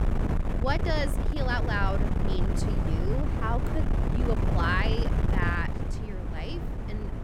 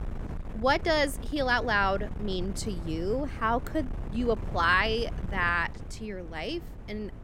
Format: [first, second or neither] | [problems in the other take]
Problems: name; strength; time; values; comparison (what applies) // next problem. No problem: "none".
second | wind noise on the microphone; heavy; 5 dB below the speech; occasional gusts in the second